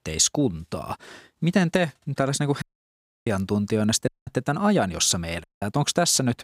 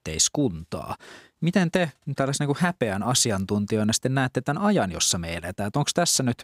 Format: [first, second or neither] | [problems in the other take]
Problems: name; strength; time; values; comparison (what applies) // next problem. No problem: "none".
second | audio cutting out; at 2.5 s for 0.5 s, at 4 s and at 5.5 s